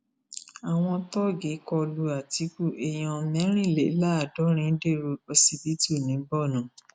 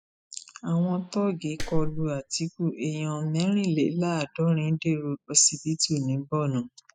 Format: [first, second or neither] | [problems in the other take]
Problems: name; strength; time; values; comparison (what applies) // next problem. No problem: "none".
first | noise reduction (classical method spectral subtraction)